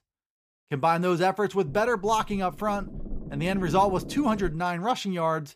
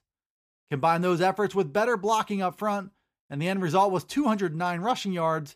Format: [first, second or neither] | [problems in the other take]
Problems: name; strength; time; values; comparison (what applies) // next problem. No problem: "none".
second | low rumble; faint; from 1.5 to 4.5 s; 20 dB below the speech